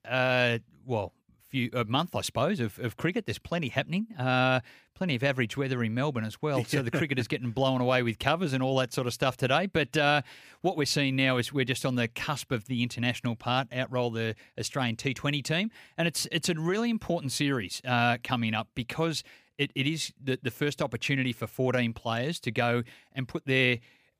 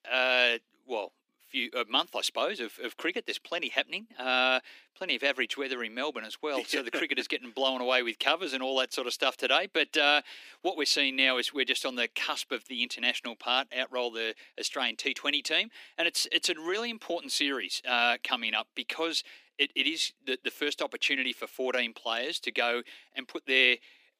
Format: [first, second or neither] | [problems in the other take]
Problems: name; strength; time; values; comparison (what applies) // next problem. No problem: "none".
first | thin; somewhat; fading below 300 Hz